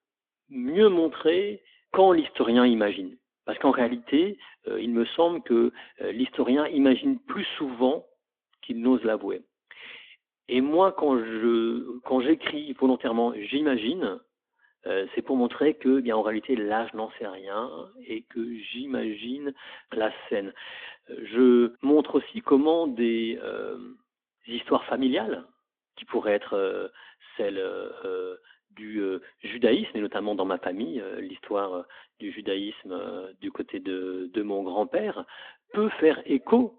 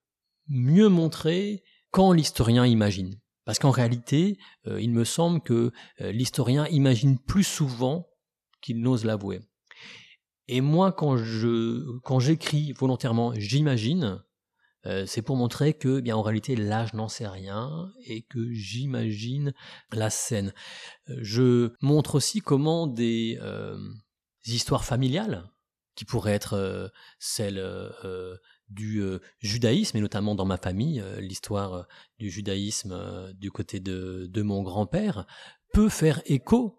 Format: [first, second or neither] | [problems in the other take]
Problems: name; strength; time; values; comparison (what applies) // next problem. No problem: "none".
second | phone-call audio; nothing above 3.5 kHz